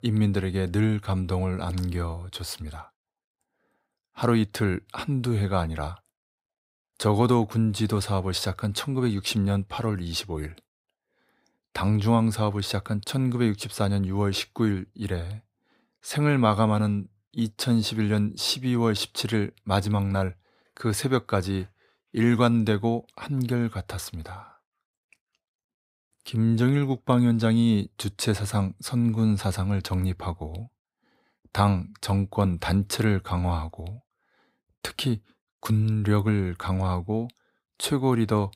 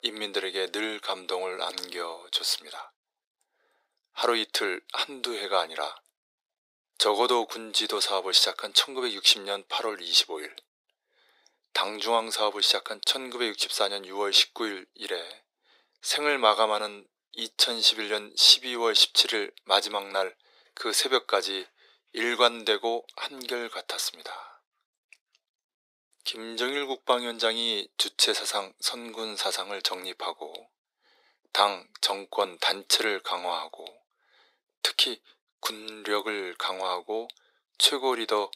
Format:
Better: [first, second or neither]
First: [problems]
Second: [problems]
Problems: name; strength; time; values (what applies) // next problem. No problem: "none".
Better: first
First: none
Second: thin; very; fading below 400 Hz